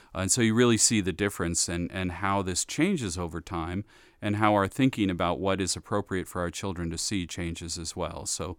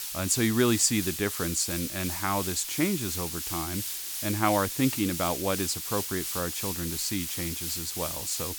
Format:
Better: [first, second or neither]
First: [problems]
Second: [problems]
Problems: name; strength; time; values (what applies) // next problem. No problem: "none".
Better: first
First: none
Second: hiss; loud; throughout; 3 dB below the speech